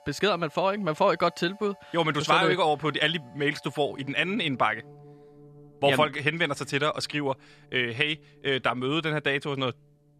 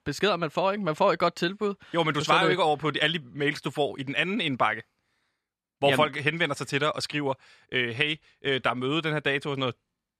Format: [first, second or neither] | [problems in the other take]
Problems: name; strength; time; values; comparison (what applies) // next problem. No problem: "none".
second | background music; faint; throughout; 25 dB below the speech